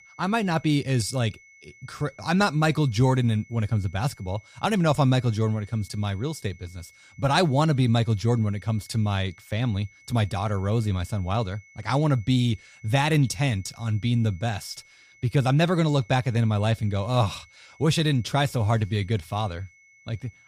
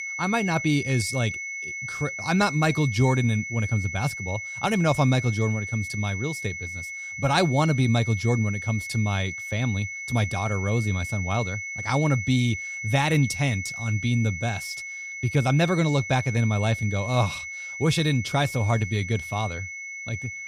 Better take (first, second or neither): first